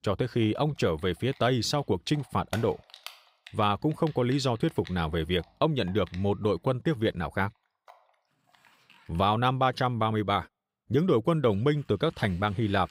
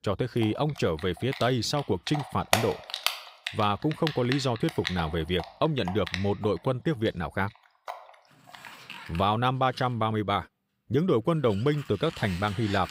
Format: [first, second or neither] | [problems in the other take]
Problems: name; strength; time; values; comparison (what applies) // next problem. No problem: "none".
first | household noises; loud; throughout; 8 dB below the speech; faint in the first